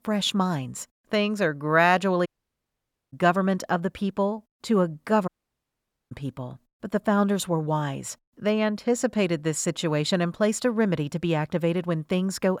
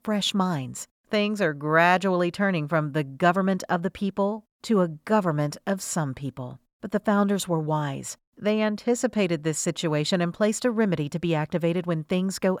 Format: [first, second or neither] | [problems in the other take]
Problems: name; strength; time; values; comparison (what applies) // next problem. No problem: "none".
second | audio cutting out; at 2.5 s for 1 s and at 5.5 s for 1 s